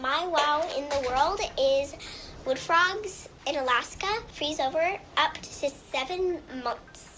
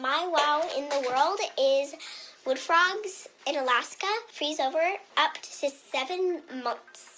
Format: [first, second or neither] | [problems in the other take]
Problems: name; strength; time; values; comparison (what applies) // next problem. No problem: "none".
second | background sound (Thunder / Rain); 20 dB below the speech